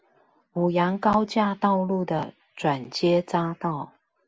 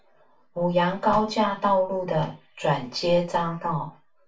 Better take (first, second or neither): first